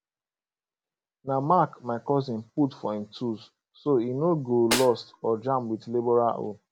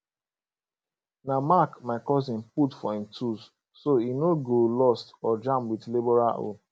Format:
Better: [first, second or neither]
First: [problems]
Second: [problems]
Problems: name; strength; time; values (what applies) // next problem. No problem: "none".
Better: second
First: background sound (Snare drum); 8 dB below the speech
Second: none